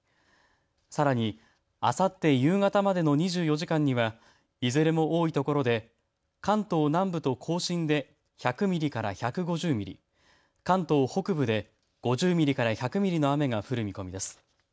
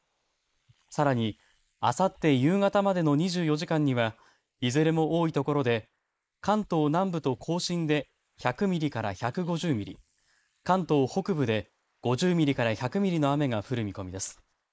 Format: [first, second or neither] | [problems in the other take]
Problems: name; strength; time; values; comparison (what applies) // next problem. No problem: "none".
first | noise reduction (neural mask model Resemble Enhance denoiser)